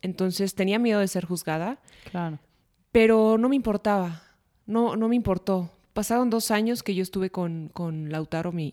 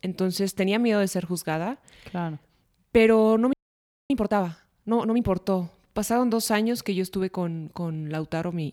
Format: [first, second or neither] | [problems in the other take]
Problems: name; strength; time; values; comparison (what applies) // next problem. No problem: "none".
first | audio freezing; at 3.5 s for 0.5 s